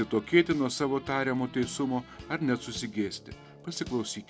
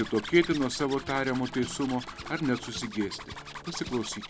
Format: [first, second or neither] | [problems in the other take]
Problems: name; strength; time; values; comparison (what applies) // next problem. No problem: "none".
first | background sound (Zipper (clothing)); 13 dB below the speech